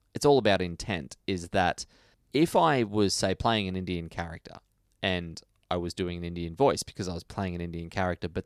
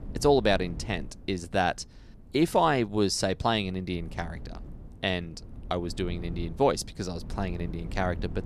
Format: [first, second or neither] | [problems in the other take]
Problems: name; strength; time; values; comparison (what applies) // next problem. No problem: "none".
first | low rumble; faint; throughout; 25 dB below the speech